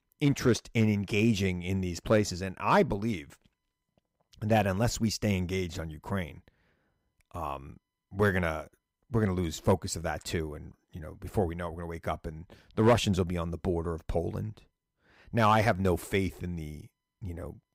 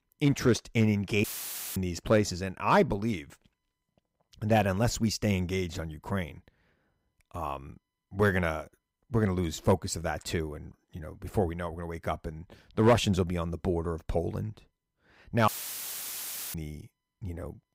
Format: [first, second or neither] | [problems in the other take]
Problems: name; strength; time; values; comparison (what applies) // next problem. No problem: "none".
first | audio cutting out; filled with static; at 1 s for 0.5 s and at 15 s for 1 s